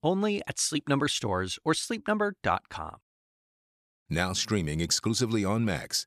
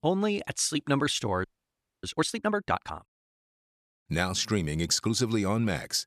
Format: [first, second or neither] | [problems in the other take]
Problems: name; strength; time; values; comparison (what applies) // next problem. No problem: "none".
first | audio freezing; at 1.5 s for 0.5 s